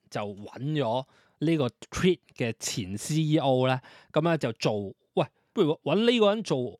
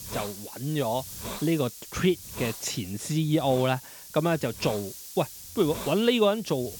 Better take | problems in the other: first | hiss; noticeable; throughout; 10 dB below the speech

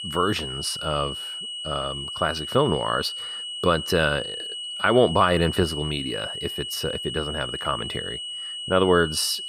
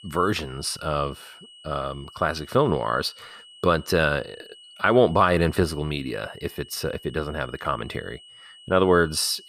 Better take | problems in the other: second | high-pitched whine; loud; throughout; 3 kHz, 6 dB below the speech; faint in the second

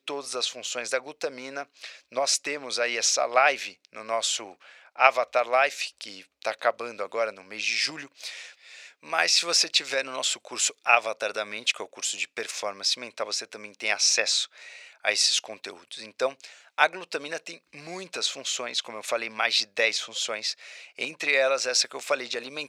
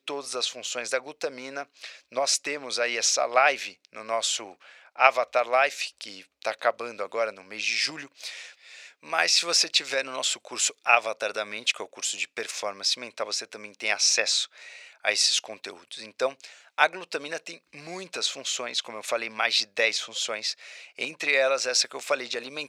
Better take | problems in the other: neither | thin; very; fading below 650 Hz; the same in both

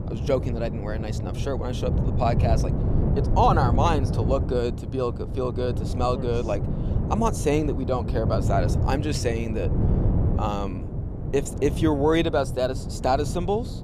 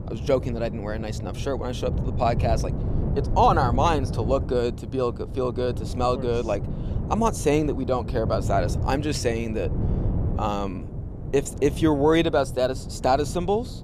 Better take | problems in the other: second | wind noise on the microphone; heavy; 10 dB below the speech; occasional gusts in the second

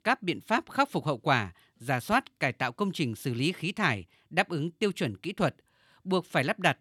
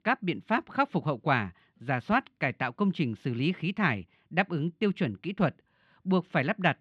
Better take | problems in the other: first | muffled; slightly; fading above 2.5 kHz

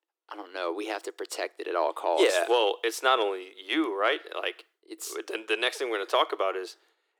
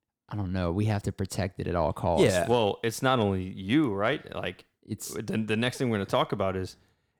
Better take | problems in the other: second | thin; very; fading below 350 Hz

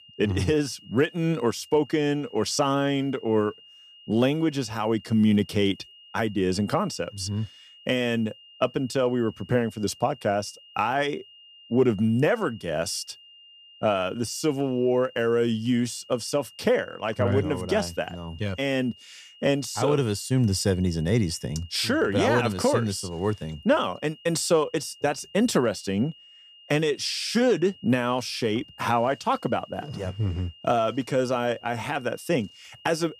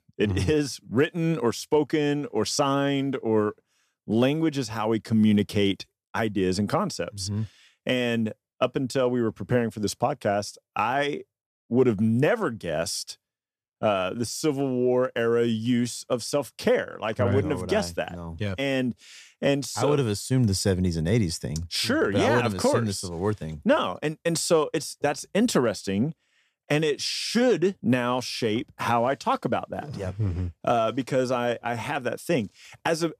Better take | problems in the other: second | high-pitched whine; faint; throughout; 3 kHz, 25 dB below the speech

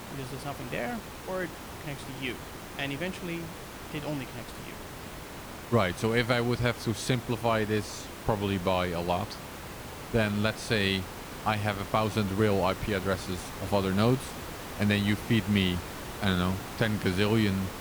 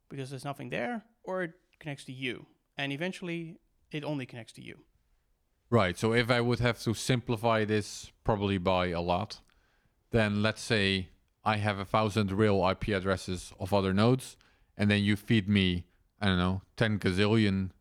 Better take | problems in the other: second | hiss; noticeable; throughout; 10 dB below the speech

